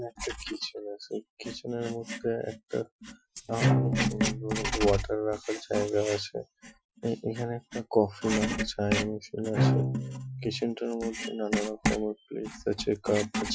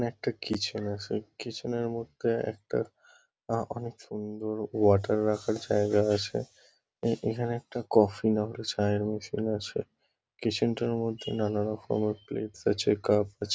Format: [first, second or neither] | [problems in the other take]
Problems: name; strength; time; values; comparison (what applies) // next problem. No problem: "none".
second | noise reduction (classical method Wiener filter)